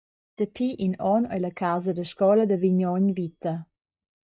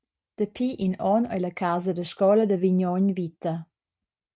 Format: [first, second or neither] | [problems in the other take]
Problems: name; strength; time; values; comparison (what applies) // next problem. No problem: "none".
second | noise reduction (neural mask model DeepFilterNet 3)